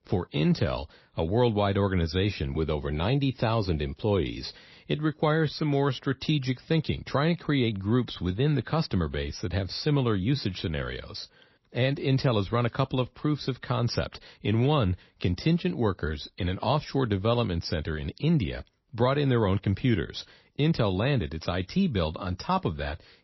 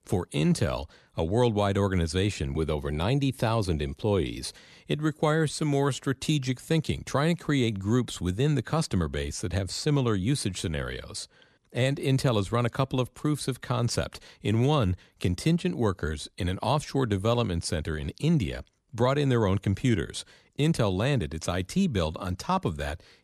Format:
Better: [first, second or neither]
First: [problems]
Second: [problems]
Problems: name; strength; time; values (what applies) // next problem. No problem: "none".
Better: second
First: garbled, watery; slightly; nothing above 5.5 kHz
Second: none